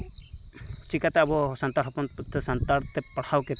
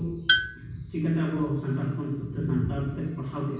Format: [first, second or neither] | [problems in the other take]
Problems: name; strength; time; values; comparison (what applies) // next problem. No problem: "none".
first | background sound (Tools); 4 dB below the speech // room echo; dies away in 1.2 s